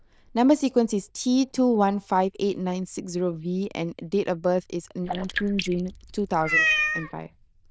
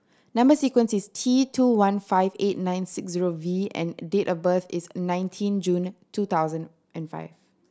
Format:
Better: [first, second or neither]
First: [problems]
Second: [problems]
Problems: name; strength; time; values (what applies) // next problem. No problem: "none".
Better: second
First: noise reduction (neural diffusion model UNIVERSE++)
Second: none